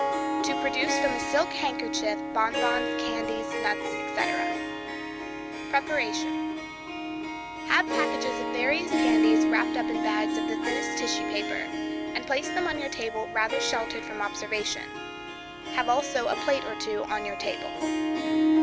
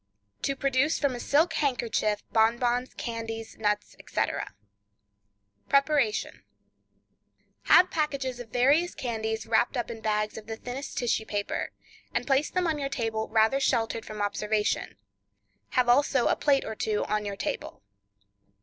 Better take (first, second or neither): second